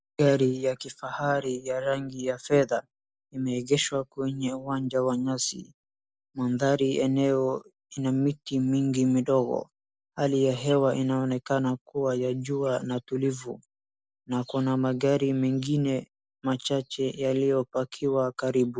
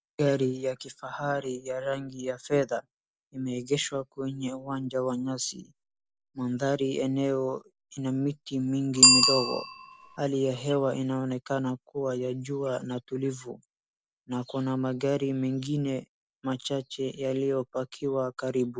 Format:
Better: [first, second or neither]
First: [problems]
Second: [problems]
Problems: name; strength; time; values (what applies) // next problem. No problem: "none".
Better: first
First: none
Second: background sound (Bicycle bell); 3 dB below the speech